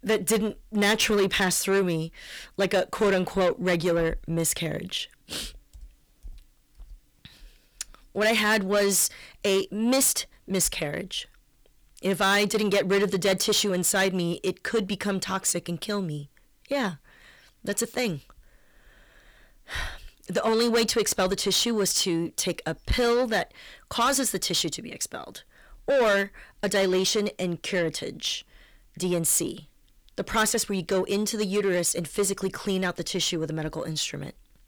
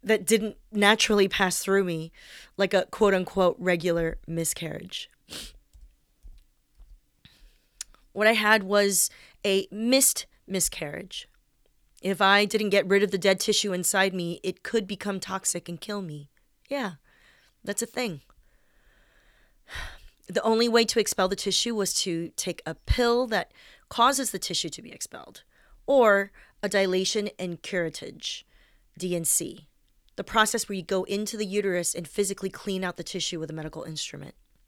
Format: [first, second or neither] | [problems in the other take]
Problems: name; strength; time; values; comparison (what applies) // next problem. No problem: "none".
second | distortion; heavy; 8 dB below the speech